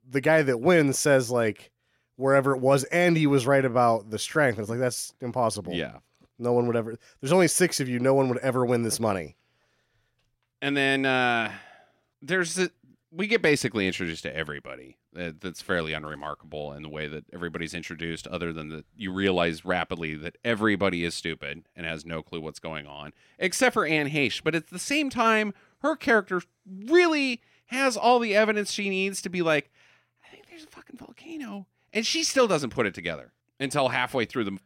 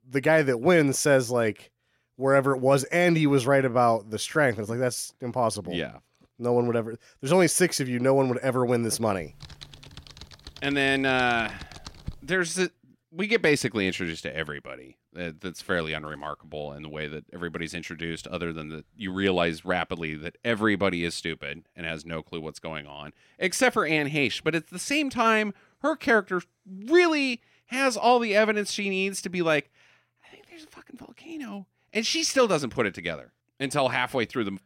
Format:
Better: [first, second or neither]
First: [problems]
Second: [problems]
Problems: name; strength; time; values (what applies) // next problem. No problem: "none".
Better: first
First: none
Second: keyboard typing; faint; from 9 to 12 s; peak 15 dB below the speech